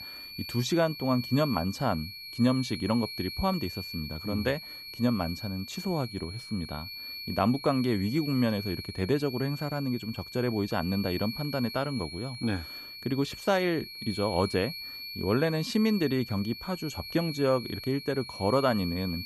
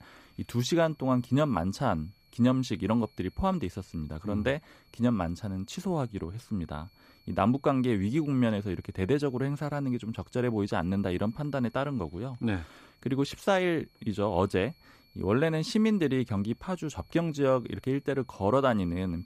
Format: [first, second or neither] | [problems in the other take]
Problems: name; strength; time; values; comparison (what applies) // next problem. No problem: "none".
second | high-pitched whine; loud; throughout; 4.5 kHz, 9 dB below the speech; faint in the second